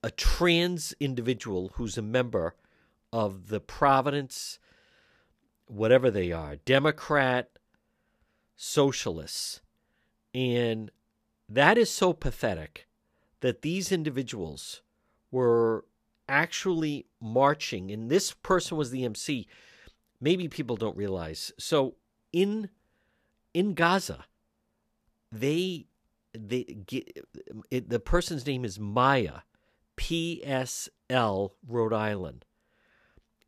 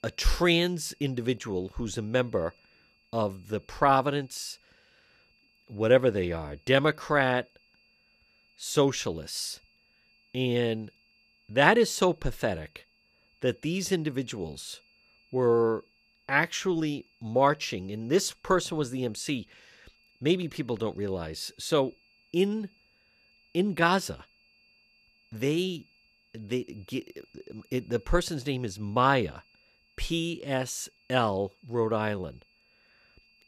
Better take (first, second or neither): first